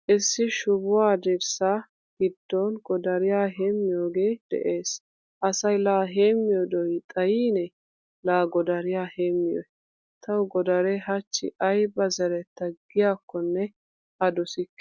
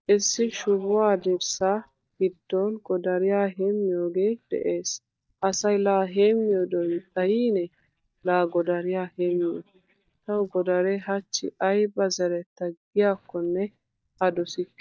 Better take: first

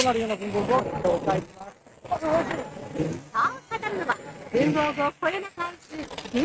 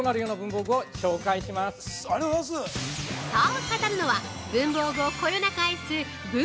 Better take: second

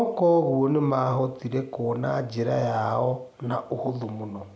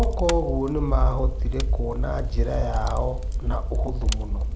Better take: first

